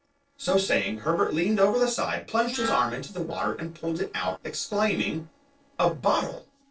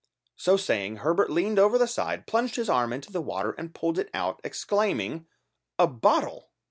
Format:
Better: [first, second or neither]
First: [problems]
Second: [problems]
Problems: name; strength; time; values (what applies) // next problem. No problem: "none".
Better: second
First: noise reduction (neural separator model SepFormer DNS4)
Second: none